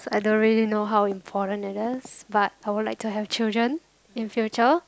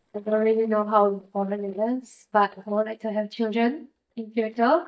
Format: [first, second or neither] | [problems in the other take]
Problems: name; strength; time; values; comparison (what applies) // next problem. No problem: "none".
first | noise reduction (neural mask model DeepFilterNet 3)